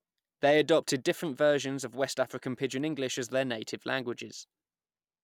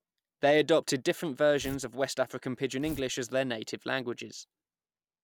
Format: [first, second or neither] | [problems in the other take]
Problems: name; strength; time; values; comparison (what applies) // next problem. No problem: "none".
first | background sound (Tearing); 16 dB below the speech